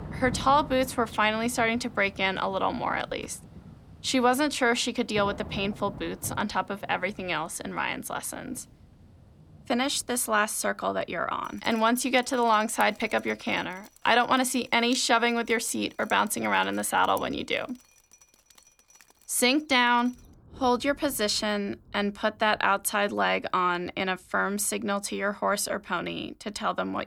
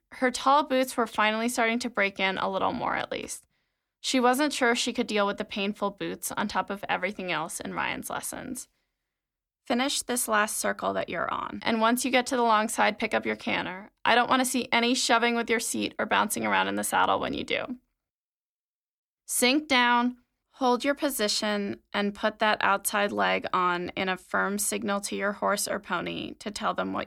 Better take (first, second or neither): second